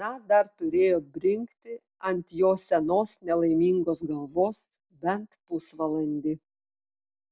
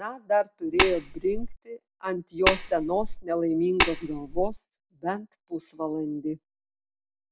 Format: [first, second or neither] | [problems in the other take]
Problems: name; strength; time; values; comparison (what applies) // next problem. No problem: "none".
first | background sound (Tap); 1 dB above the speech